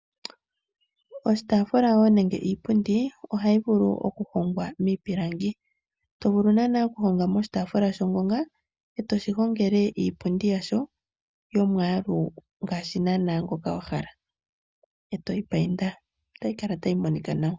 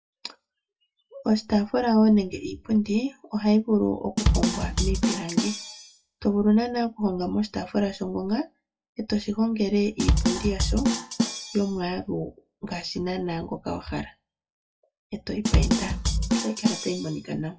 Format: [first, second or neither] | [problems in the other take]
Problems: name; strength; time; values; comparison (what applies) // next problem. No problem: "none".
first | noise reduction (classical method WPE with log-MMSE)